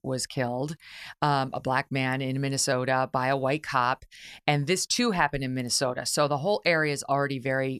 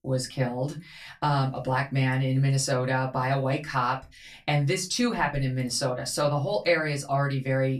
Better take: first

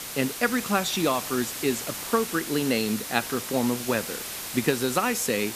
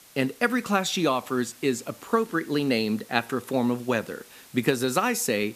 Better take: second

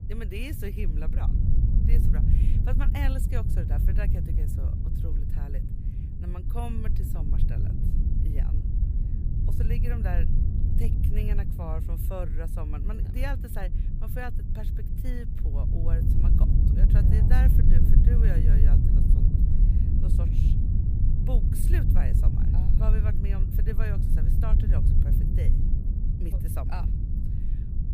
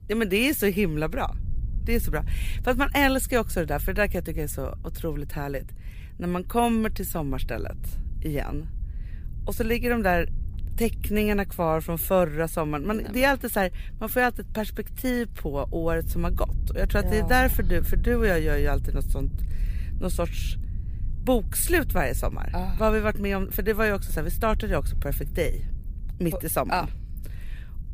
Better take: second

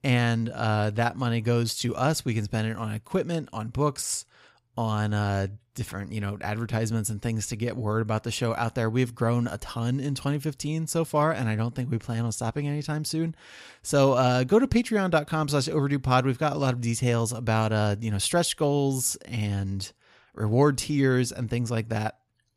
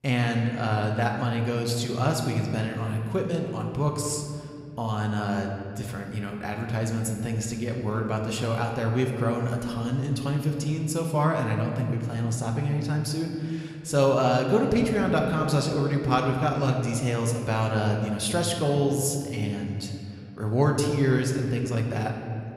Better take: first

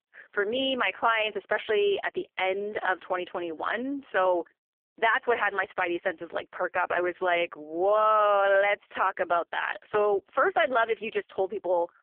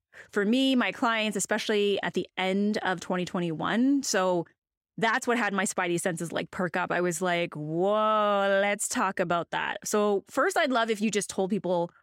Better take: second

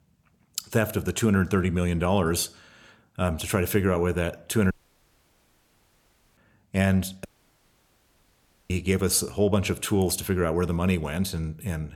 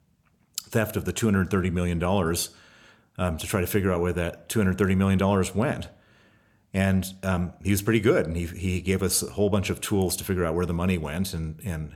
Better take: second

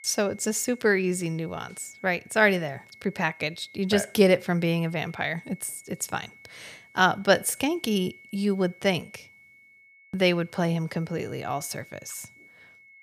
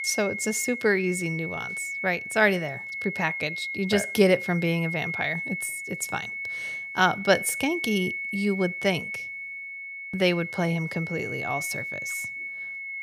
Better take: first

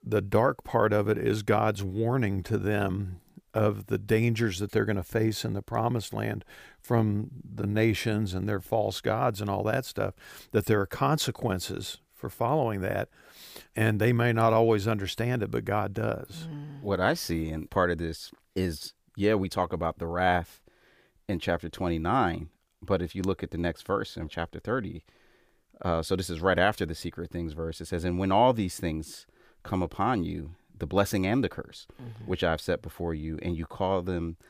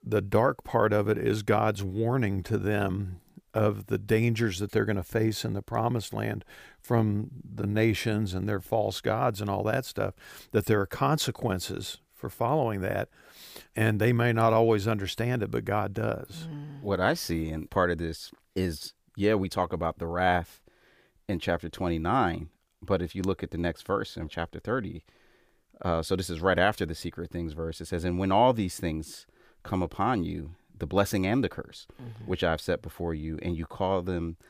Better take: neither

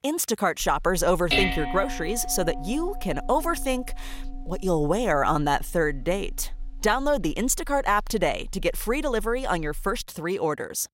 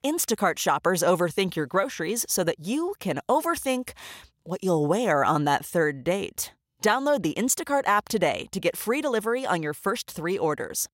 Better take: second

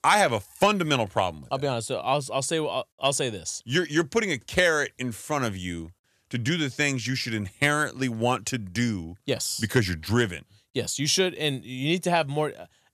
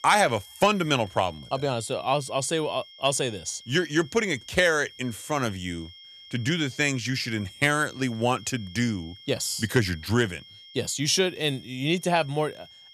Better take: first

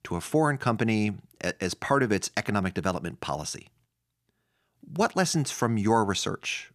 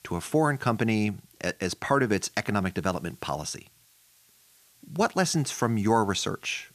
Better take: first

